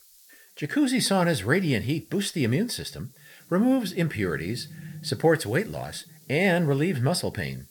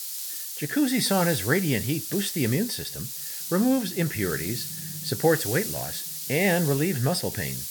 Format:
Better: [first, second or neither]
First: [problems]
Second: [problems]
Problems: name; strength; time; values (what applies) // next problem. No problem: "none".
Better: first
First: hiss; faint; throughout; 25 dB below the speech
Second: hiss; loud; throughout; 5 dB below the speech